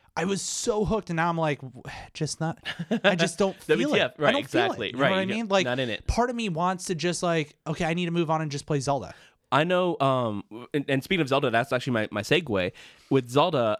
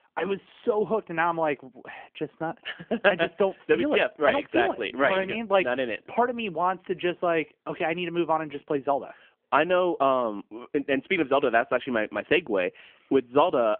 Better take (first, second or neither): first